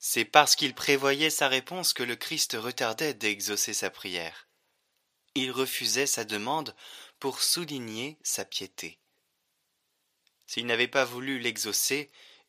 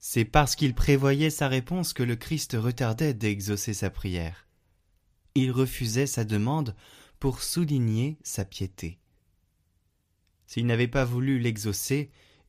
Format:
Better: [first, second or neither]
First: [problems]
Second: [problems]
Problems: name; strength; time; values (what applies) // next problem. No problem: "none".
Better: second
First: thin; very; fading below 500 Hz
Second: none